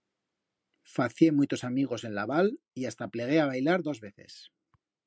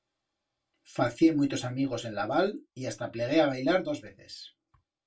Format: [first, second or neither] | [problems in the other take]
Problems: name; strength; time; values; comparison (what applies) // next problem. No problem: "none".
first | room echo; dies away in 0.2 s